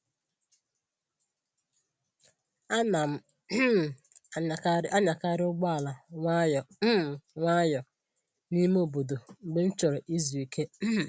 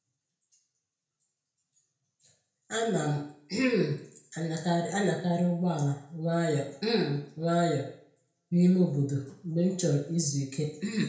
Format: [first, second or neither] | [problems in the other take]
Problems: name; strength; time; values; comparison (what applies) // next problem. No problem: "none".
first | room echo; dies away in 0.5 s